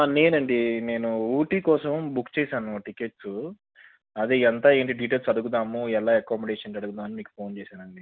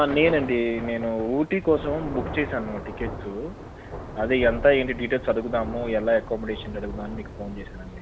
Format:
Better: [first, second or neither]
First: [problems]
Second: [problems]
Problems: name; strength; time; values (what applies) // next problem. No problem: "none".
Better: first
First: none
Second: background sound (Thunder / Rain); 10 dB below the speech